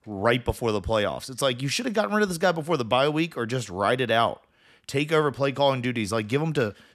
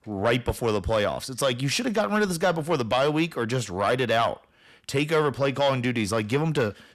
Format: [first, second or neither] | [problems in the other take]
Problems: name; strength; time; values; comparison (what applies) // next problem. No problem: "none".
first | distortion; slight; 10 dB below the speech